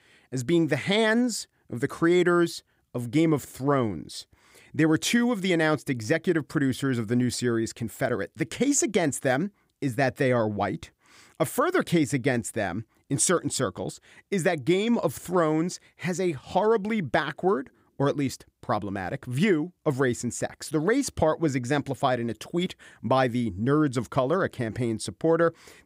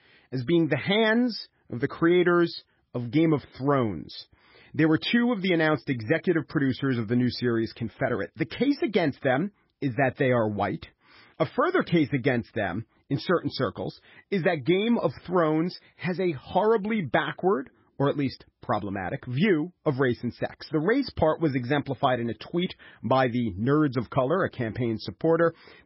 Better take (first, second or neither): first